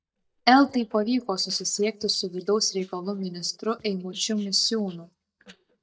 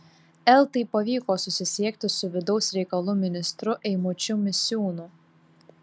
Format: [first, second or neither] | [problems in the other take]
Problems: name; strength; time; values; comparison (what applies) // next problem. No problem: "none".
second | noise reduction (neural mask model DeepFilterNet 3)